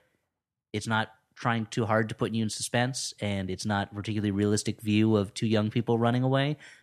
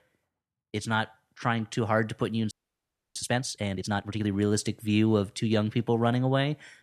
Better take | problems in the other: first | audio freezing; at 2.5 s for 0.5 s

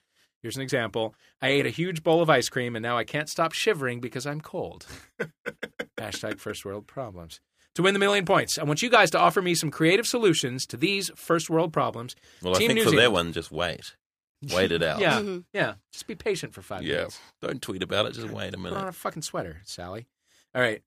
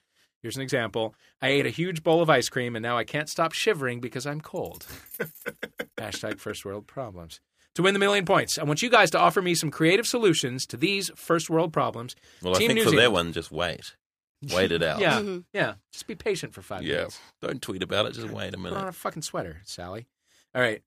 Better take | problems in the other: first | jangling keys; faint; from 4.5 to 6 s; peak 15 dB below the speech

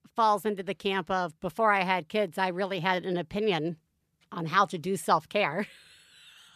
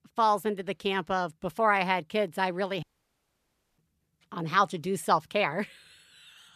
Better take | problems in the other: first | audio cutting out; at 3 s for 1 s

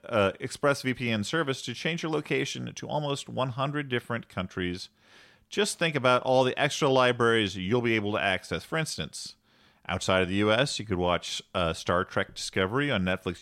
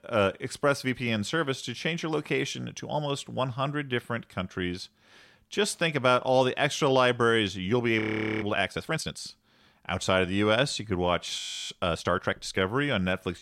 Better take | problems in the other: first | audio freezing; at 8 s and at 11 s

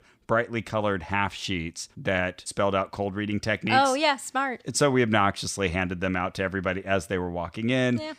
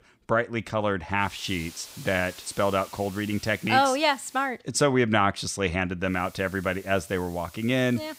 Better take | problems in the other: first | hiss; noticeable; from 1 to 4.5 s and from 6 s on; 20 dB below the speech

